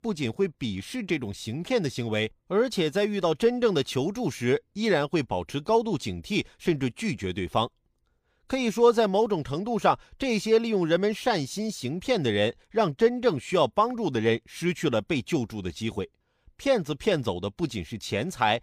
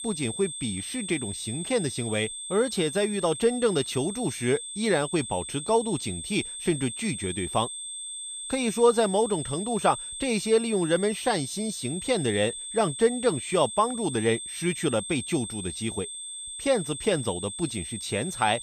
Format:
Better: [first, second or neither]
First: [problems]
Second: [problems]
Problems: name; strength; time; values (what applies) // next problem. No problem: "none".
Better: first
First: none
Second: high-pitched whine; loud; throughout; 8.5 kHz, 7 dB below the speech